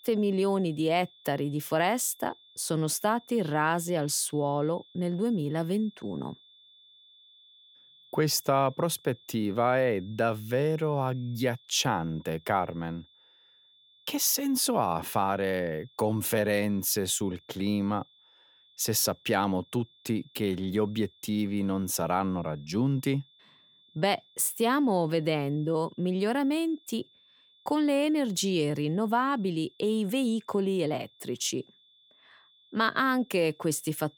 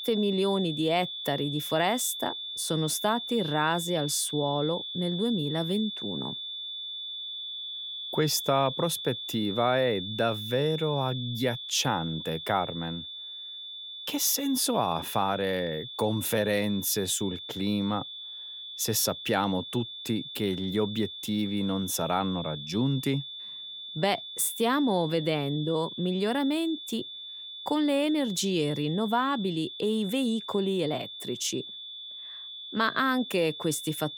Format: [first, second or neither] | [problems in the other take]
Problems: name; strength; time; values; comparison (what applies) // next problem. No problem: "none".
first | high-pitched whine; loud; throughout; 3.5 kHz, 8 dB below the speech; faint in the first